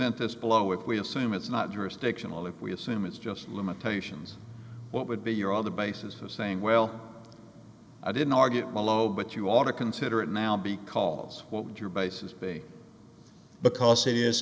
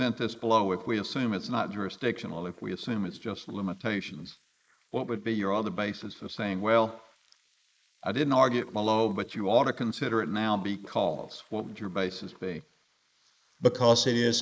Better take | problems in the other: first | noise reduction (neural mask model Resemble Enhance denoiser)

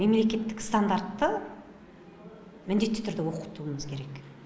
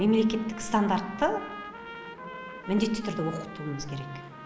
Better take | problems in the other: first | background sound (Trumpet); 14 dB below the speech

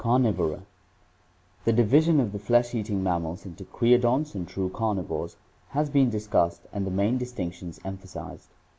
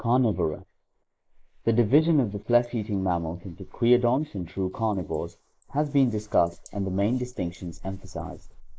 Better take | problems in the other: first | noise reduction (neural mask model Resemble Enhance denoiser)

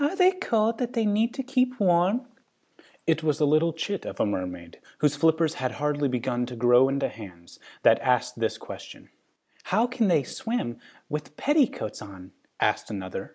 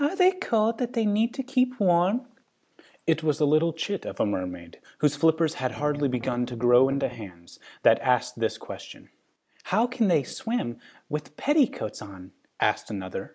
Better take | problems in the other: first | background sound (Strum); 16 dB below the speech

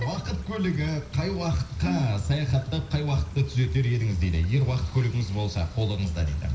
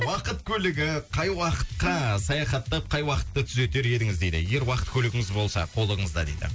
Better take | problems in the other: second | background sound (Stream / Trickle, dribble); 18 dB below the speech // room echo; dies away in 0.5 s

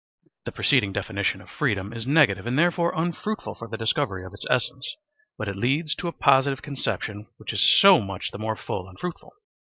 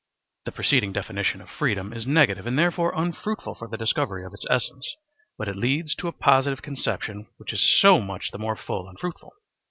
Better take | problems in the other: second | noise reduction (neural mask model Resemble Enhance denoiser)

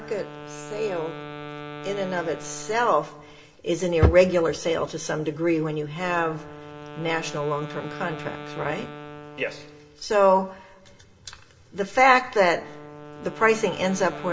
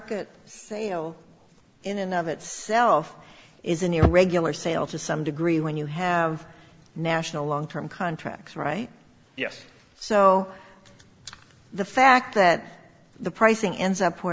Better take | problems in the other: second | background sound (Wind instrument, woodwind instrument); 16 dB below the speech // room echo; dies away in 0.4 s

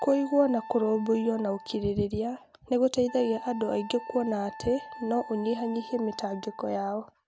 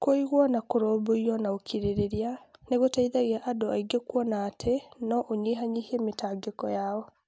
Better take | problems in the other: second | background sound (Wind instrument, woodwind instrument); 16 dB below the speech

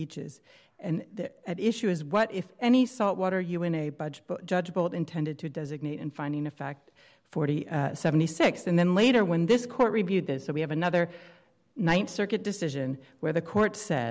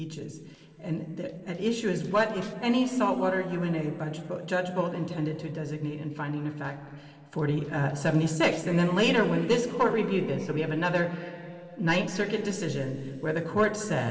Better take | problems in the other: first | noise reduction (neural separator model SepFormer DNS4)

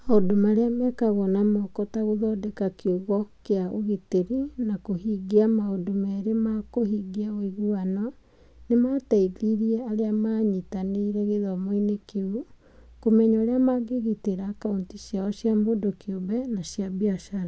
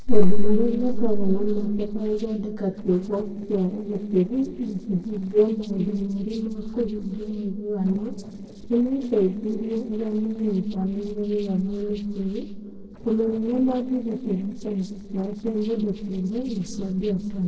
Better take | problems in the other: first | noise reduction (neural separator model SepFormer DNS4)

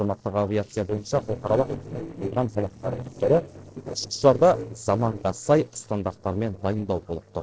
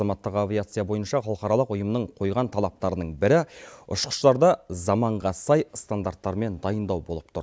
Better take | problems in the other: second | noise reduction (neural separator model SepFormer DNS4)

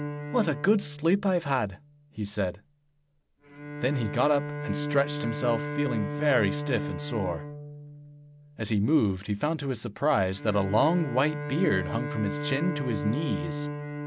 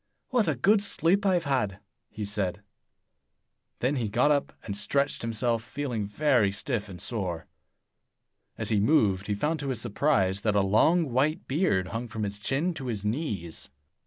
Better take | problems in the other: second | background sound (Bowed string instrument); 7 dB below the speech

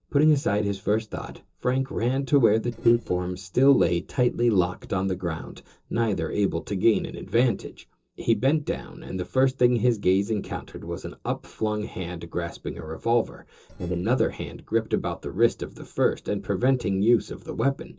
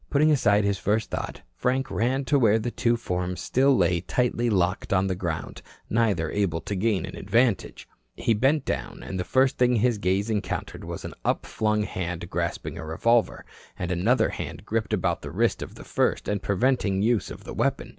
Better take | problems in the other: second | noise reduction (neural separator model SepFormer DNS4)

